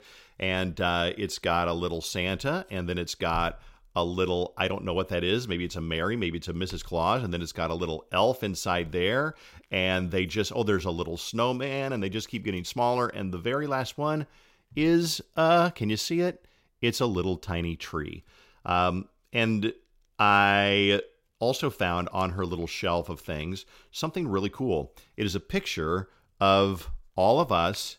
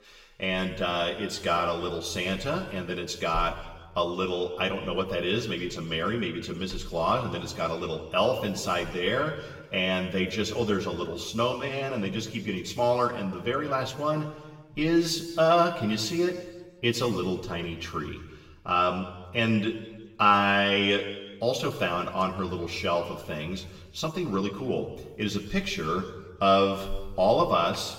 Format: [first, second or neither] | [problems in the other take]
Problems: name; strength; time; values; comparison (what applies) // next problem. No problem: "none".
first | room echo; noticeable; dies away in 1.2 s // off-mic speech; far